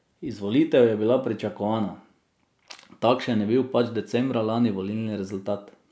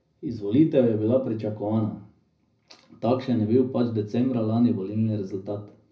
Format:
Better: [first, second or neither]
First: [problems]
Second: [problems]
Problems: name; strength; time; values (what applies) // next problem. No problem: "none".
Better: first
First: none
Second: room echo; dies away in 0.4 s